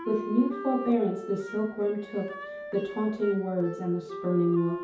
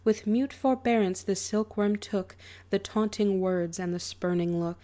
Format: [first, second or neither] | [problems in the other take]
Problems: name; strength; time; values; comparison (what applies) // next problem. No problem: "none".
second | background sound (Wind instrument, woodwind instrument); 11 dB below the speech // room echo; dies away in 0.6 s